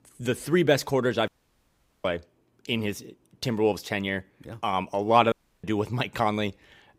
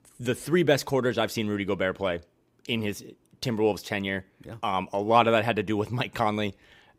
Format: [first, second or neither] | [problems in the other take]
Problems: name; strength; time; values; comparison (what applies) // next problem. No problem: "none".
second | audio cutting out; at 1.5 s for 1 s and at 5.5 s